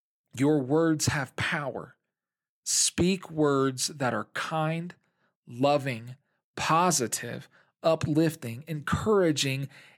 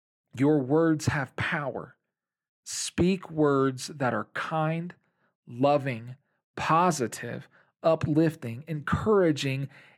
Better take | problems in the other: first | muffled; slightly; fading above 3 kHz

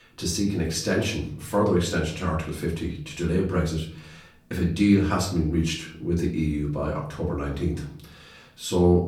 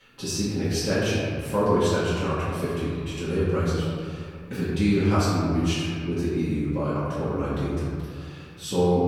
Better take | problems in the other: first | room echo; strong; dies away in 2.1 s; slight in the first // off-mic speech; far; far in the first

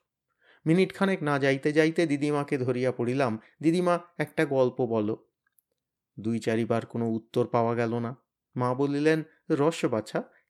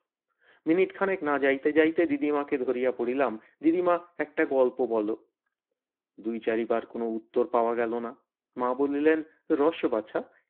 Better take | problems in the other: first | phone-call audio

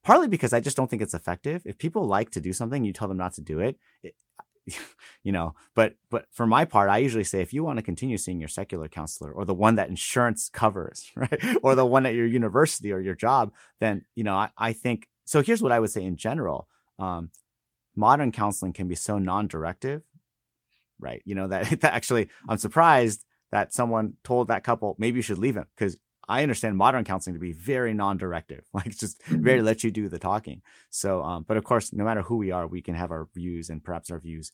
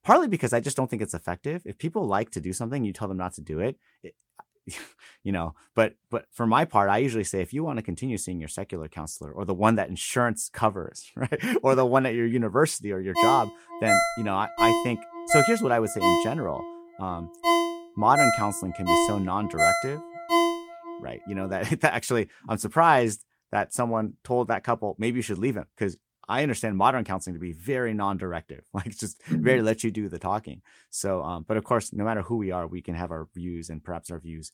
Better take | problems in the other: first | phone ringing; loud; from 13 to 21 s; peak 5 dB above the speech

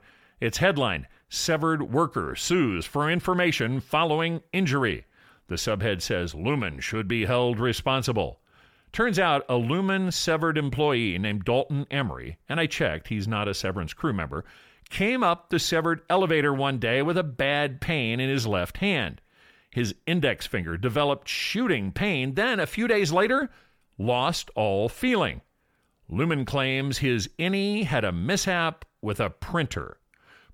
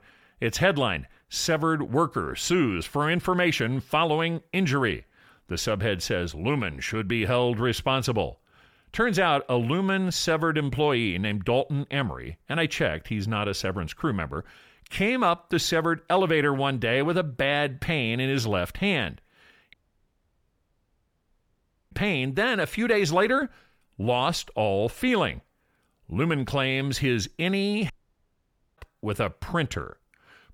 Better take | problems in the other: first | audio cutting out; at 20 s for 2 s and at 28 s for 1 s

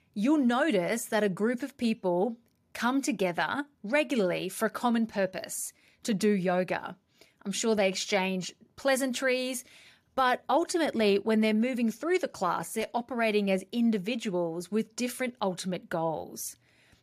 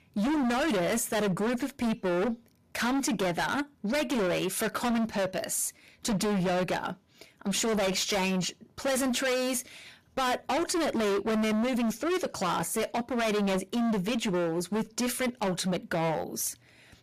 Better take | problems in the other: first | distortion; heavy; 30% of the sound clipped

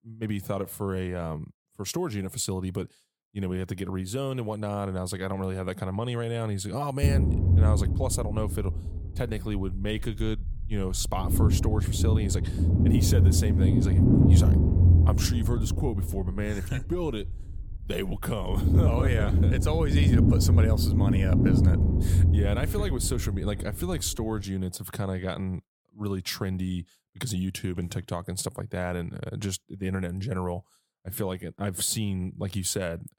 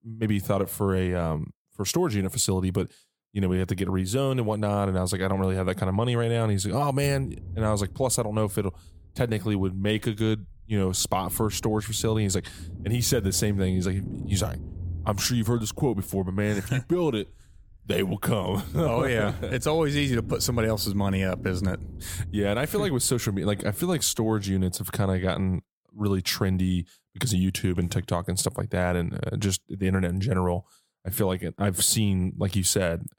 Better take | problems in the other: second | low rumble; loud; from 7 to 24 s; as loud as the speech; faint in the second

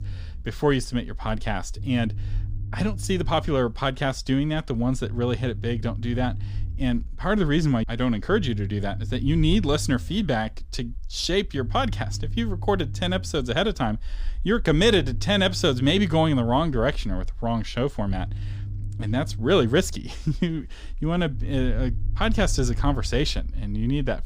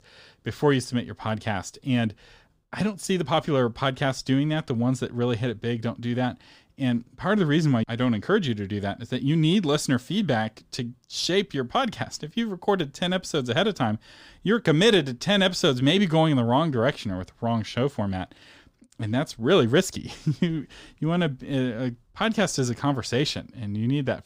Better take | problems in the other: second | low rumble; faint; throughout; 20 dB below the speech

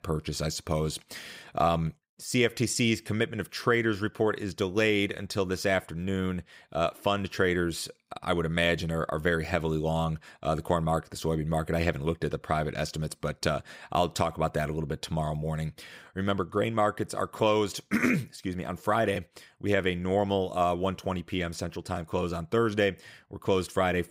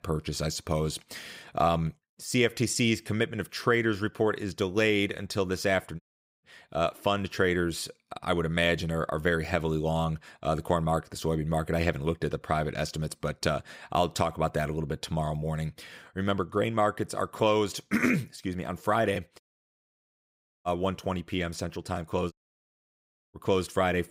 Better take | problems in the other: first | audio cutting out; at 6 s, at 19 s for 1.5 s and at 22 s for 1 s

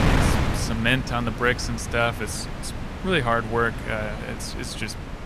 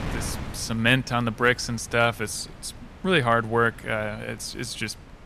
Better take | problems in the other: second | wind noise on the microphone; heavy; 8 dB below the speech; occasional gusts in the second

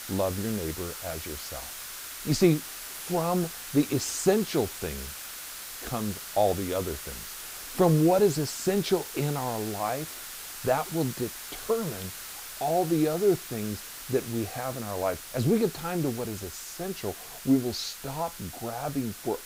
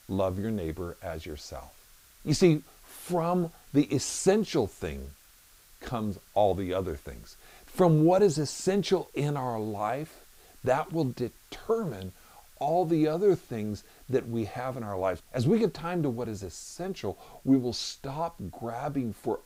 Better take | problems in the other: second | hiss; loud; throughout; 9 dB below the speech; faint in the second

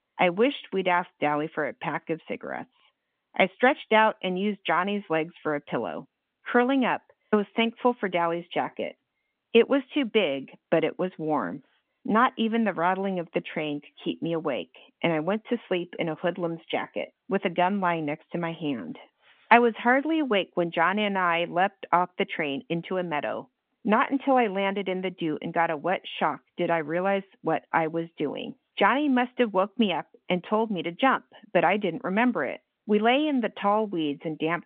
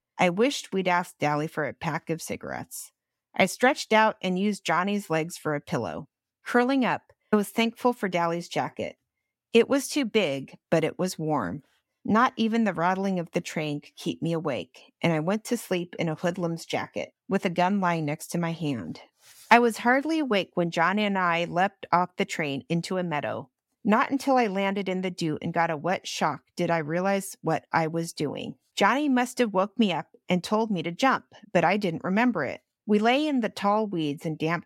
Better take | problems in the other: second | phone-call audio

